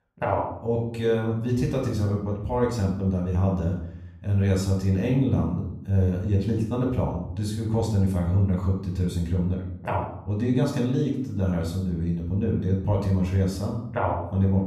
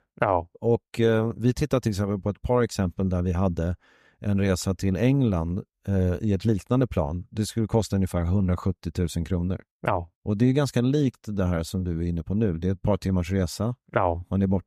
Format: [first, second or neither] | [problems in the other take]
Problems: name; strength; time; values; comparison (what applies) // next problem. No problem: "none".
second | off-mic speech; far // room echo; noticeable; dies away in 0.6 s